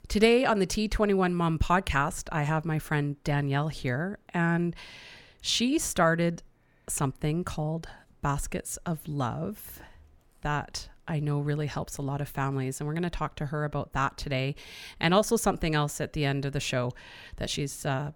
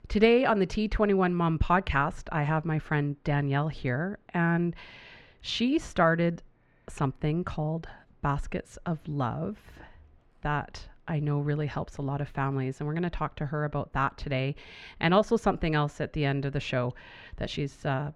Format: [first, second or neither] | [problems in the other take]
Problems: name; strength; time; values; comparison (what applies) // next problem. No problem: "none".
first | muffled; slightly; fading above 3 kHz